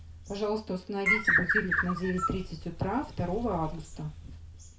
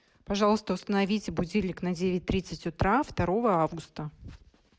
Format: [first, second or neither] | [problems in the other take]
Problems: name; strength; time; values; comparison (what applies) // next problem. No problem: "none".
second | background sound (Bird); as loud as the speech // room echo; dies away in 0.3 s